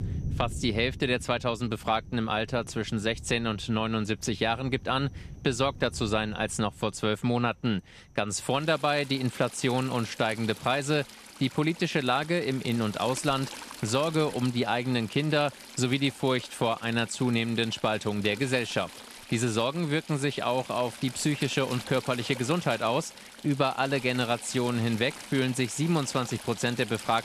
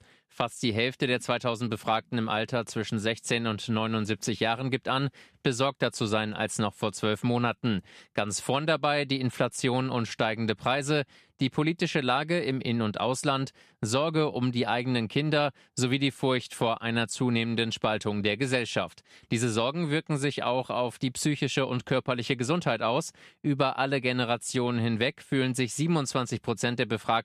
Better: second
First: rain or running water; noticeable; throughout; 15 dB below the speech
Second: none

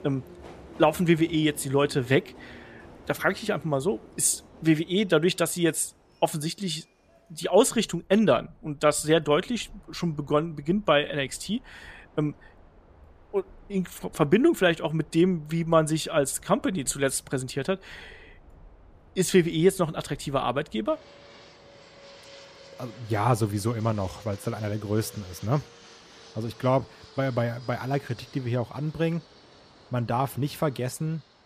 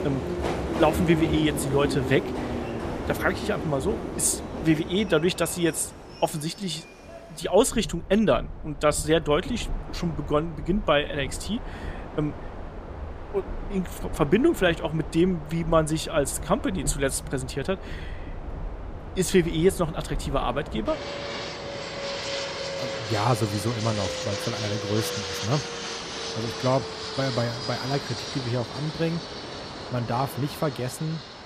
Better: first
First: train or aircraft noise; faint; throughout; 25 dB below the speech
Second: train or aircraft noise; loud; throughout; 7 dB below the speech

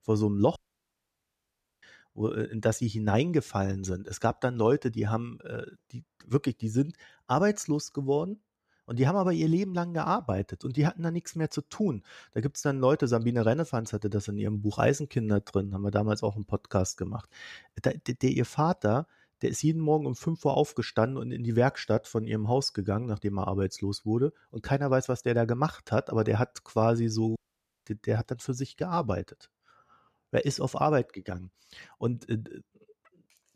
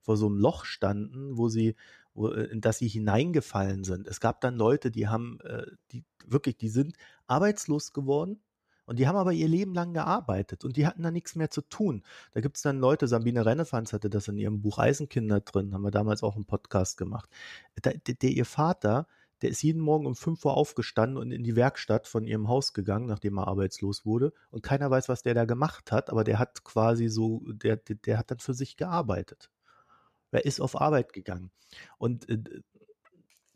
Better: second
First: audio cutting out; at 0.5 s for 1.5 s and at 27 s for 0.5 s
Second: none

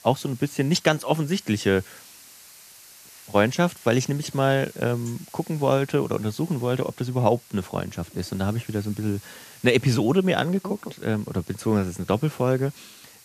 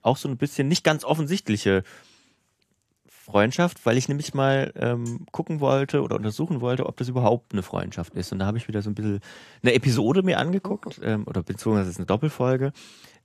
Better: second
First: hiss; faint; throughout; 20 dB below the speech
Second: none

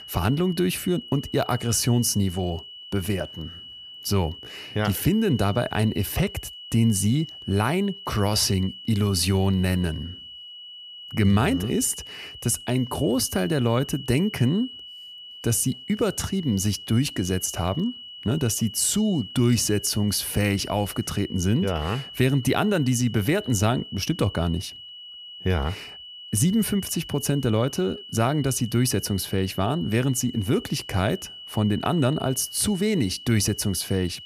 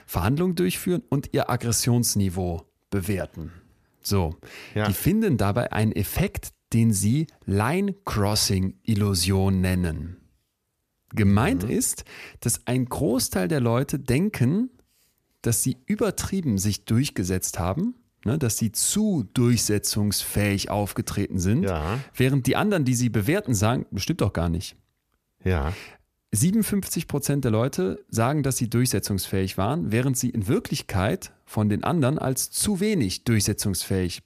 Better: second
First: high-pitched whine; noticeable; throughout; 3 kHz, 15 dB below the speech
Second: none

